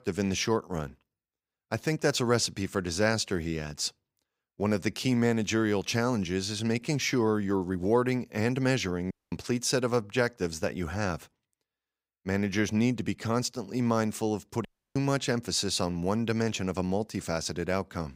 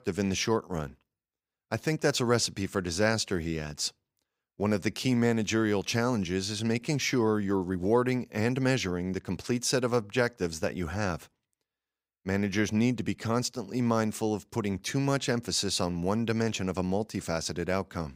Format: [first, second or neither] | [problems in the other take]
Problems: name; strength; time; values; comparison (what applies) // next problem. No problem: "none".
second | audio cutting out; at 9 s and at 15 s